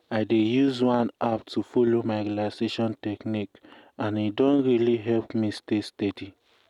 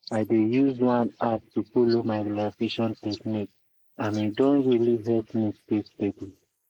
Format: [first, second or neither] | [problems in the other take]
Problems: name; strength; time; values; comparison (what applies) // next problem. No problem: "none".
first | noise reduction (neural mask model Resemble Enhance denoiser)